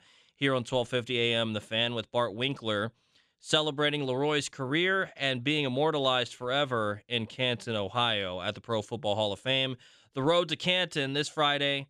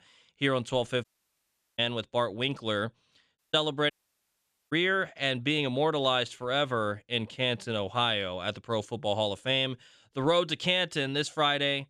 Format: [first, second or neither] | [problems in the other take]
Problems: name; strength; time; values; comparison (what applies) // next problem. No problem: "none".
first | audio cutting out; at 1 s for 0.5 s, at 3.5 s and at 4 s for 1 s